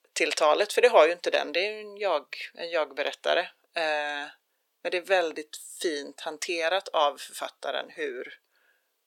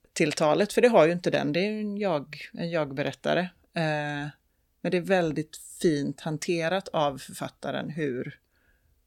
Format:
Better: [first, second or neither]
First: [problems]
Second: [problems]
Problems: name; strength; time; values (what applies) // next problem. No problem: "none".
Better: second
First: thin; very; fading below 400 Hz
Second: none